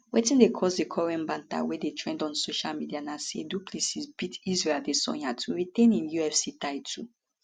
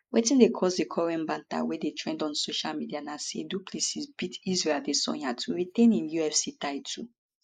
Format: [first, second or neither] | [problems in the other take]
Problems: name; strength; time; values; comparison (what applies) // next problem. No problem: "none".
first | noise reduction (neural mask model Resemble Enhance denoiser)